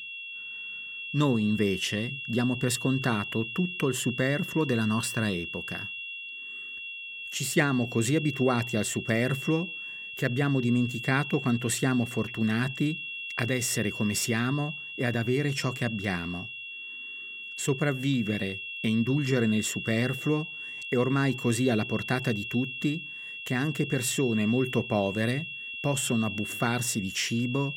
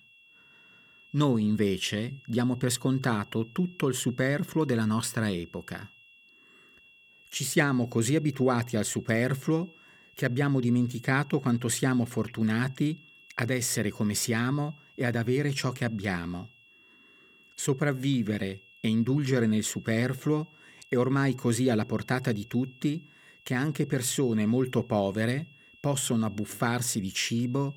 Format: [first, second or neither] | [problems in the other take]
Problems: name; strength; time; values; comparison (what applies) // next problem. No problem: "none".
second | high-pitched whine; loud; throughout; 2.5 kHz, 7 dB below the speech; faint in the second